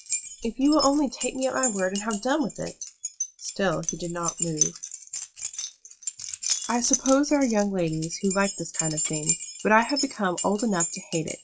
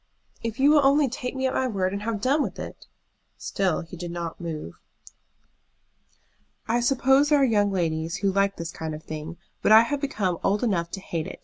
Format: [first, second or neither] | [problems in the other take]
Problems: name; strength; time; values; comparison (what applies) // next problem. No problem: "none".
second | noise reduction (classical method log-MMSE)